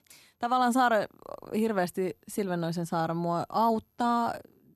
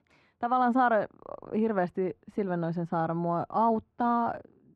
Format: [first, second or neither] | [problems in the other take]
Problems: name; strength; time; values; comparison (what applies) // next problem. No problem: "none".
first | muffled; very; fading above 1.5 kHz